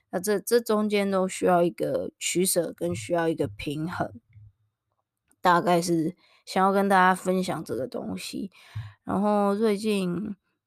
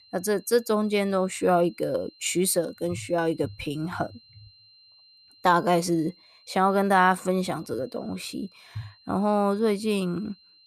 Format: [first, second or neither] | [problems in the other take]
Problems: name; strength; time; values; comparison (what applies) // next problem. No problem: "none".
first | high-pitched whine; faint; throughout; 4 kHz, 30 dB below the speech